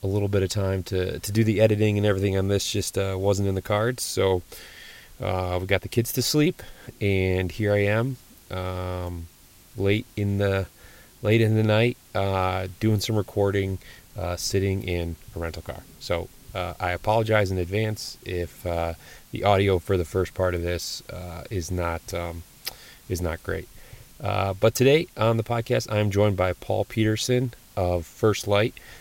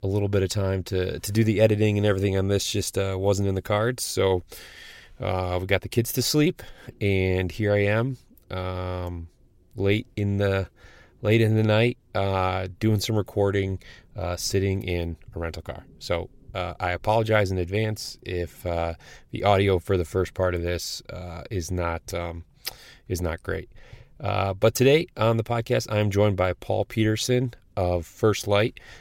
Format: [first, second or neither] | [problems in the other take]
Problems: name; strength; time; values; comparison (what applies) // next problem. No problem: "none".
second | hiss; faint; throughout; 25 dB below the speech